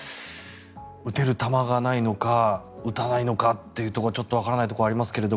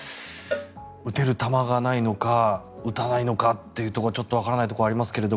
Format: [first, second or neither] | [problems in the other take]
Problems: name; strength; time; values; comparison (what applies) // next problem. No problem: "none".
first | background sound (Cowbell); 15 dB below the speech